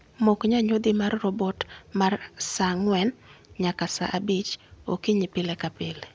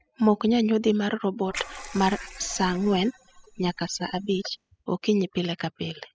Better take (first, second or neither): first